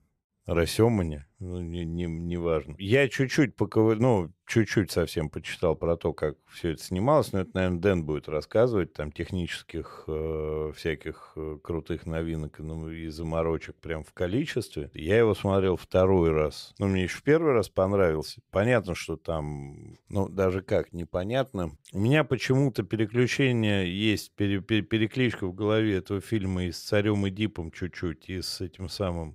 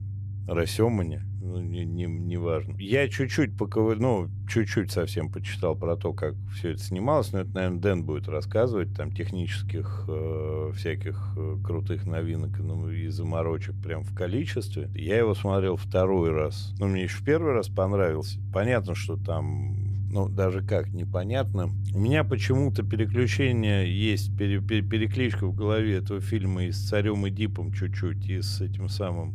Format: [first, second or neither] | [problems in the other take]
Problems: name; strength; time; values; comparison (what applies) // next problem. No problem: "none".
first | low rumble; noticeable; throughout; 15 dB below the speech